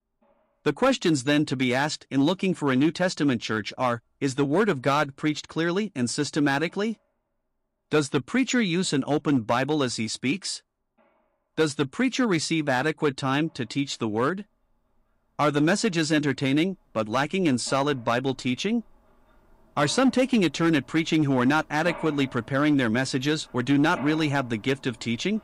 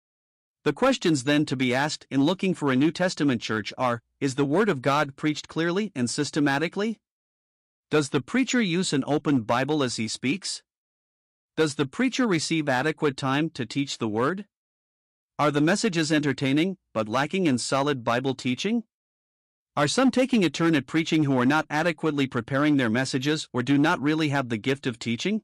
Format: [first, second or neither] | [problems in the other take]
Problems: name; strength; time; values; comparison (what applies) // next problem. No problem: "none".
second | machinery noise; faint; throughout; 20 dB below the speech